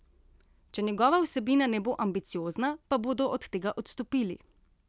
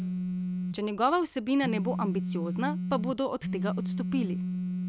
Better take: first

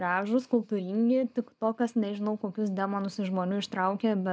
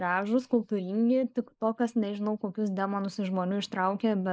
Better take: first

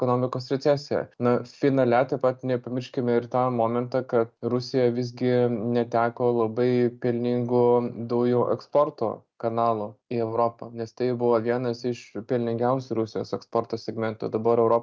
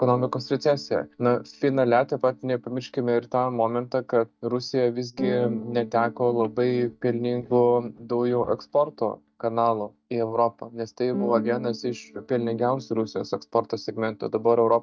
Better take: first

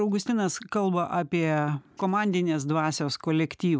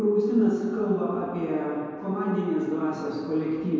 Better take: first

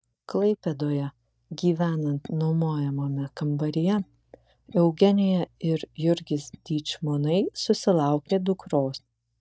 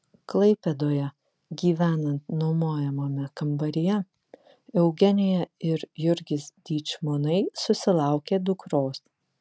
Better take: second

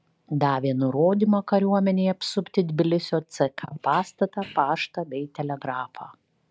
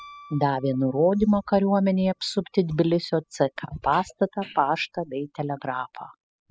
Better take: first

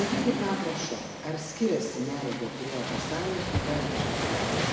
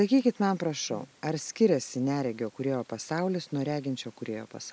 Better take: second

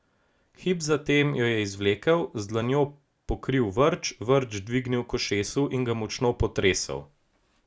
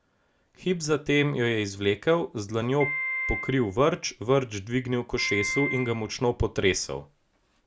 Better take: first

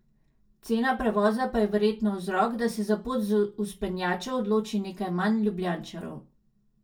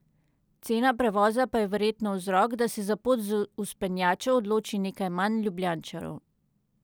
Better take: second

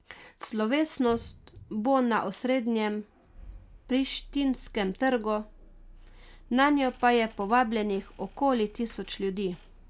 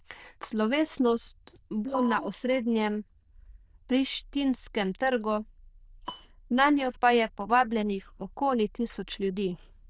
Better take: first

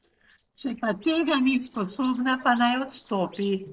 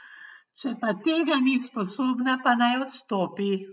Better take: second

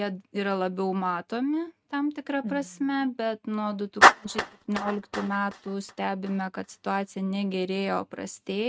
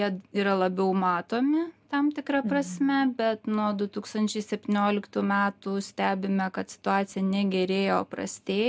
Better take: second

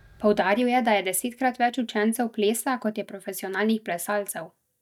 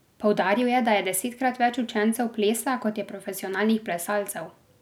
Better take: second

